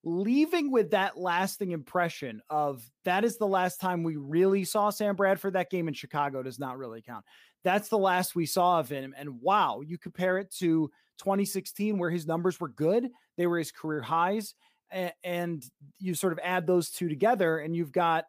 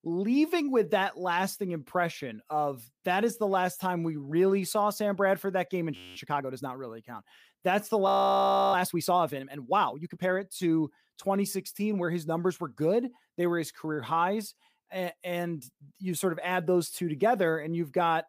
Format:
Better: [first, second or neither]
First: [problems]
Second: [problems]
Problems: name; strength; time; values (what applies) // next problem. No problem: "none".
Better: first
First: none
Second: audio freezing; at 6 s and at 8 s for 0.5 s